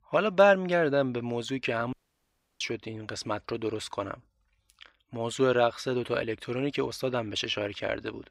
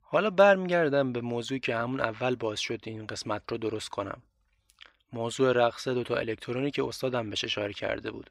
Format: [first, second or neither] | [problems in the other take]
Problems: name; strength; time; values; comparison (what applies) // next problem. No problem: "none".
second | audio cutting out; at 2 s for 0.5 s